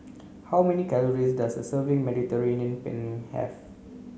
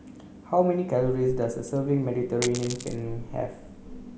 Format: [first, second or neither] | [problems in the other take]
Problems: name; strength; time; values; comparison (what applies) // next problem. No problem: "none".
first | background sound (Coin (dropping)); 12 dB below the speech